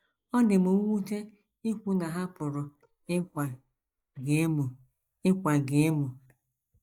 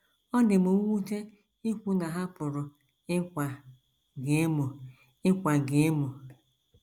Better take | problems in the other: second | noise reduction (neural mask model DeepFilterNet 3)

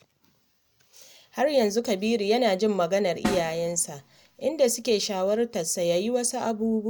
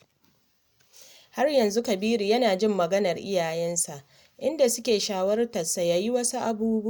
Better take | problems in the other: second | background sound (Snare drum); 10 dB below the speech

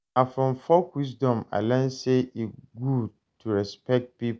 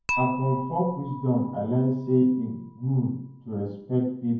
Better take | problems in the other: first | background sound (Dishes, pots, and pans / Chink, clink); 11 dB below the speech // room echo; dies away in 0.9 s

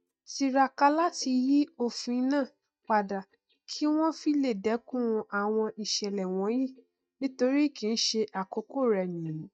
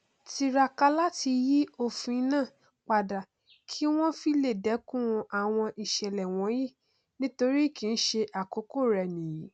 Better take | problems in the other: second | noise reduction (neural mask model DeepFilterNet 3)

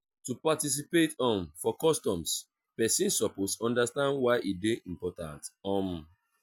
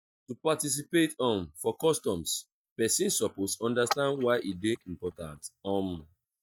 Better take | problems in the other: first | noise reduction (neural mask model DeepFilterNet 3)

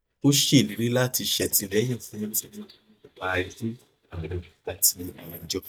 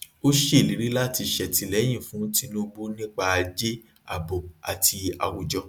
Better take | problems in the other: second | noise reduction (neural mask model DeepFilterNet 3)

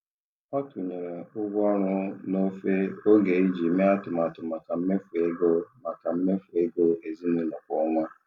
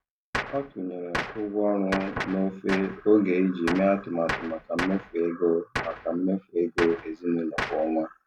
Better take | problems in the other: first | background sound (Gunshot, gunfire); 9 dB below the speech

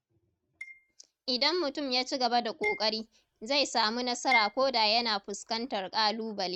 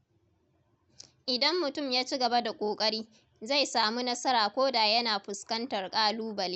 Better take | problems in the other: second | noise reduction (neural mask model RNNoise)

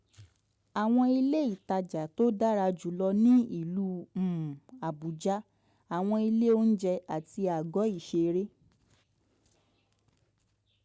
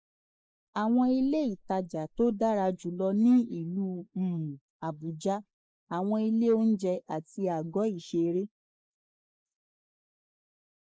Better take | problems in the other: first | noise reduction (neural mask model Resemble Enhance denoiser)

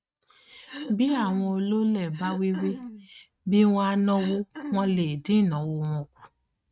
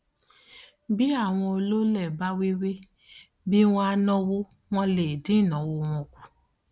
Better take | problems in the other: second | noise reduction (neural mask model RNNoise)

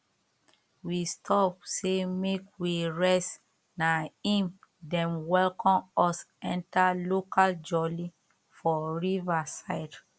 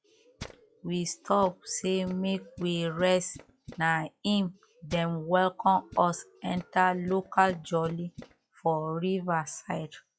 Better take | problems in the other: first | noise reduction (classical method log-MMSE)

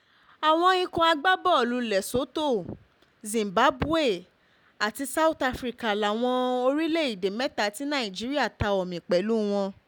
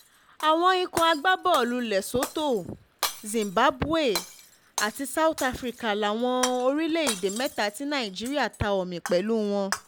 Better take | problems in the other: first | background sound (Shatter); 12 dB below the speech

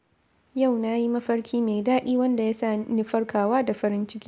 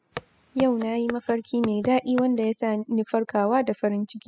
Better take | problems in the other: first | noise reduction (classical method spectral subtraction)

